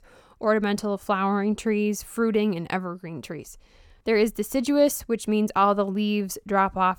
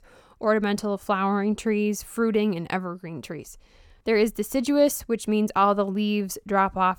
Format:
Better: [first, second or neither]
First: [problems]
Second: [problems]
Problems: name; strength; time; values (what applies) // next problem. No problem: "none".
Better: neither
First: none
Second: none